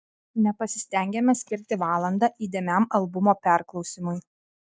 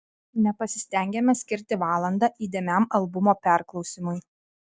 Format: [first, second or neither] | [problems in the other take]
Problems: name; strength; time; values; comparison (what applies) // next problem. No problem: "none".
second | noise reduction (neural mask model DeepFilterNet 3)